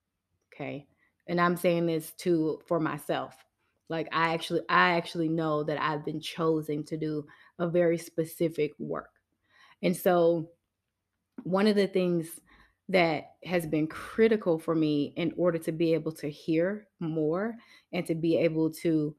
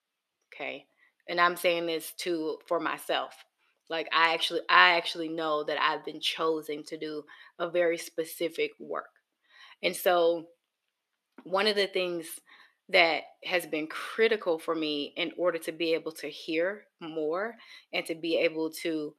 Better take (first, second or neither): first